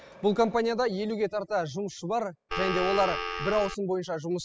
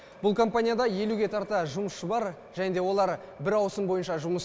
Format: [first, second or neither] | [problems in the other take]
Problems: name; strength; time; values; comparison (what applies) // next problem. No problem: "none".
second | noise reduction (classical method spectral subtraction)